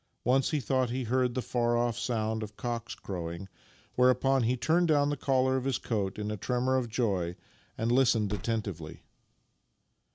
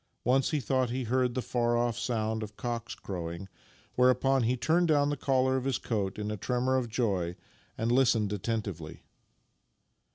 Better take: second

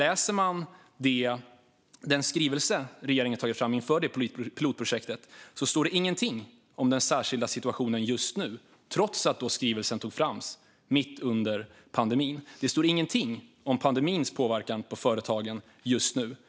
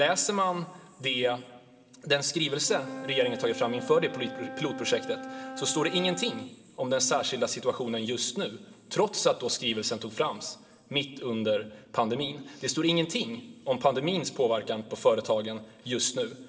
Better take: first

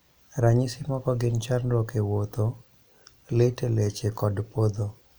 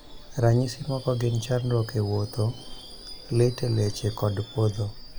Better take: first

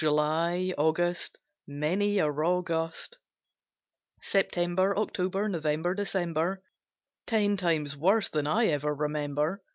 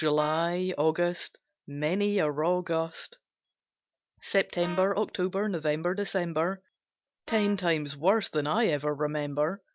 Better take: first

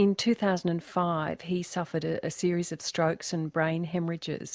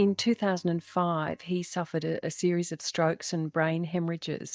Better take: first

